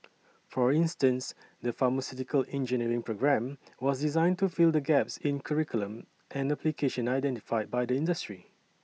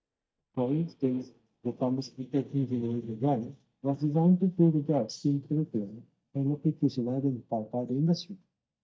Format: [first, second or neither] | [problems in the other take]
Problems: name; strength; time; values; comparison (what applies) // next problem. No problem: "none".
first | noise reduction (neural mask model DeepFilterNet 3)